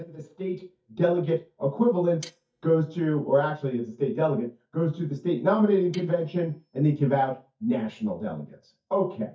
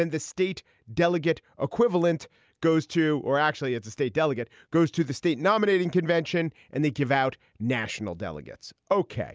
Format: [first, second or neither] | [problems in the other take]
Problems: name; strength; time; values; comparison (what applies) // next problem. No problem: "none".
second | noise reduction (neural mask model DeepFilterNet 3)